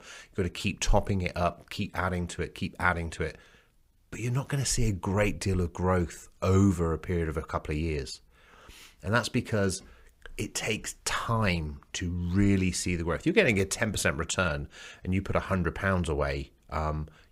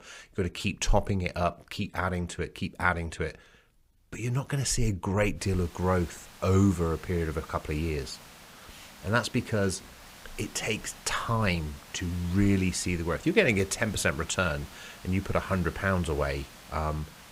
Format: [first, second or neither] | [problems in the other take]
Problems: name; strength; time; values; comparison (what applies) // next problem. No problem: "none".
first | hiss; noticeable; from 5.5 s on; 20 dB below the speech